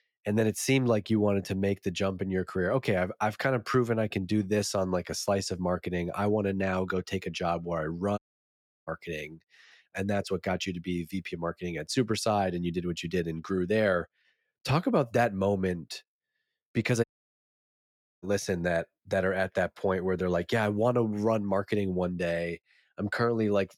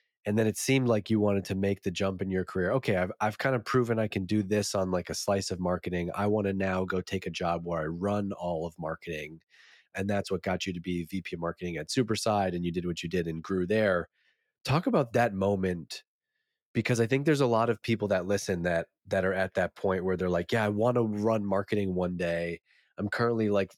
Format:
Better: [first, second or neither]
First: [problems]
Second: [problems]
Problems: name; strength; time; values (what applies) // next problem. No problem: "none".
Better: second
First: audio cutting out; at 8 s for 0.5 s and at 17 s for 1 s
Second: none